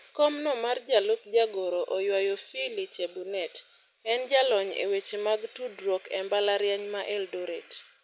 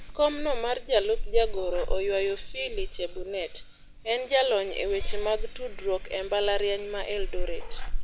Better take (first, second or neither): first